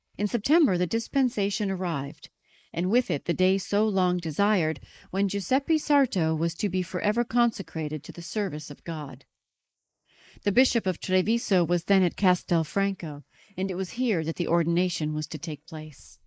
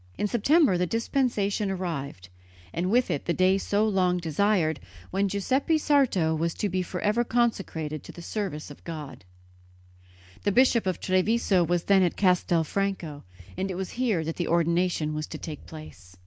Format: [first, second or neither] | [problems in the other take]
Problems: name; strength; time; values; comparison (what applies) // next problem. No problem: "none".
second | noise reduction (neural mask model Resemble Enhance denoiser)